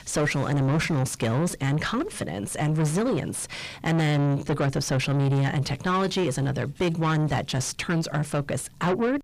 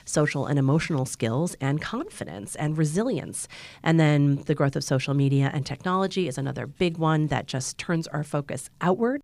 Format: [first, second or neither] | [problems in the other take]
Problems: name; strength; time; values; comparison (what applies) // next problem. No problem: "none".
second | distortion; heavy; 6 dB below the speech